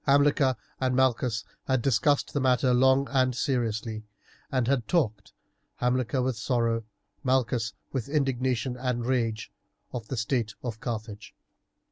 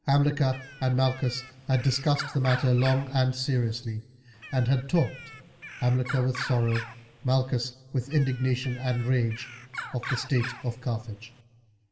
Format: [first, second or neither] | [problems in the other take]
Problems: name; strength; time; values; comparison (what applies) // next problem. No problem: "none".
first | background sound (Bird); 14 dB below the speech // room echo; dies away in 1.2 s